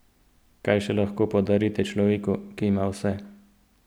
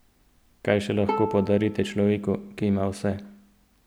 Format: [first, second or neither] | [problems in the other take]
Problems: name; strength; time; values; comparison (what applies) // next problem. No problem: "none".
first | background sound (Bowed string instrument); 11 dB below the speech